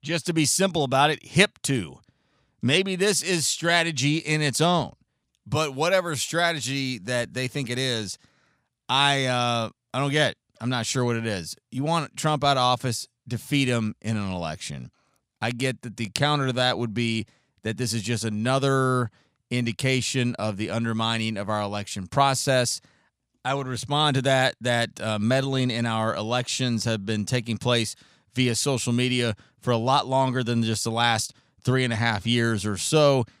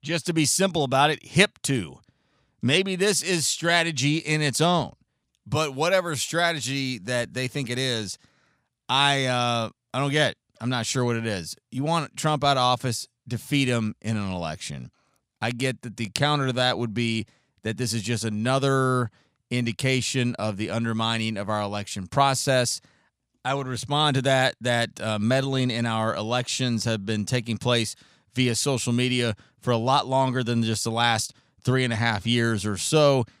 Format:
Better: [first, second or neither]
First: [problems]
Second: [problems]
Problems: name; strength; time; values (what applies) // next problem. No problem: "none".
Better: neither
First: none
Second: none